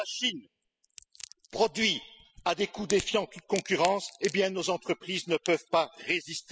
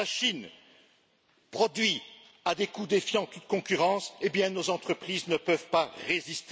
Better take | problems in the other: second | noise reduction (classical method spectral subtraction)

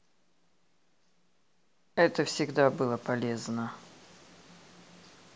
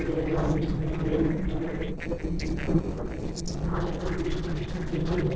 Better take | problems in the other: first | noise reduction (neural separator model SepFormer DNS4)

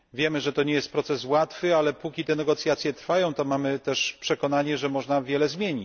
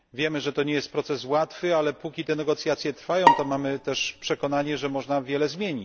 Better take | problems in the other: first | background sound (Bowed string instrument); as loud as the speech

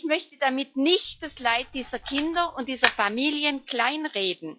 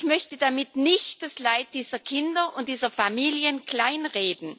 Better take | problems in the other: second | noise reduction (classical method log-MMSE)

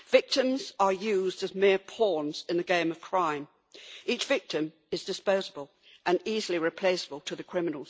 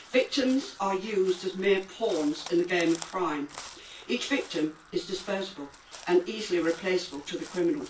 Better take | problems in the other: first | background sound (Crow); 18 dB below the speech // room echo; dies away in 0.2 s

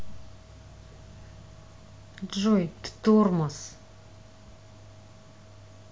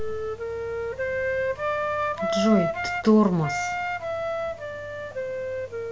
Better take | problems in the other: first | background sound (Wind instrument, woodwind instrument); as loud as the speech

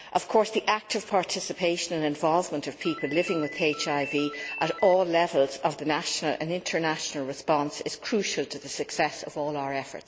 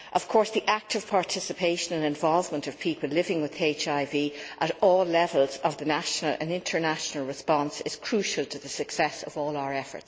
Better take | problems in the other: second | background sound (Ringtone); 11 dB below the speech

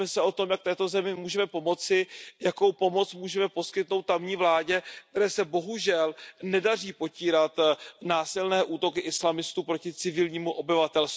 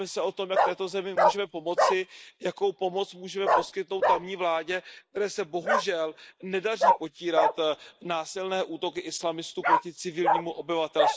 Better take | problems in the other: first | noise reduction (neural mask model Resemble Enhance denoiser)

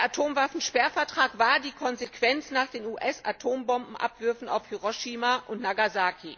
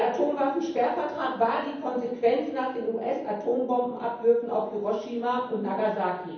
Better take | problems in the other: first | room echo; dies away in 0.9 s

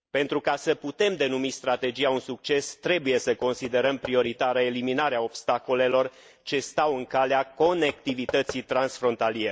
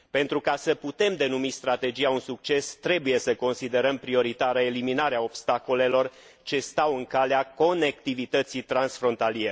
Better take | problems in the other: second | noise reduction (neural mask model DeepFilterNet 3)

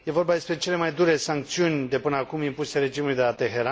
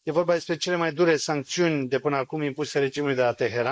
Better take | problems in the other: first | noise reduction (neural mask model Resemble Enhance denoiser)

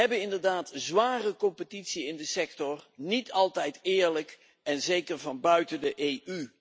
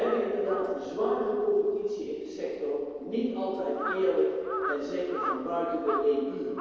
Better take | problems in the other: first | noise reduction (neural separator model SepFormer DNS4)

